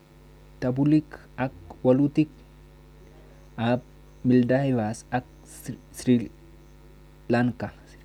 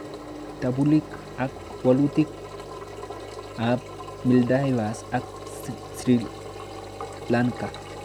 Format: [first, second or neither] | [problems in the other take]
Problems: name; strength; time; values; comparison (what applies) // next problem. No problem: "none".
first | background sound (Engine); 11 dB below the speech